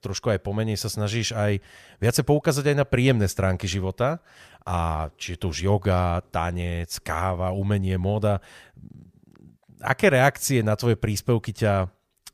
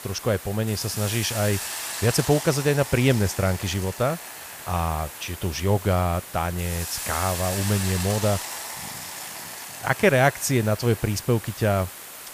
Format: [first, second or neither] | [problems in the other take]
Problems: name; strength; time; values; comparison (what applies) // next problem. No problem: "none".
first | hiss; loud; throughout; 8 dB below the speech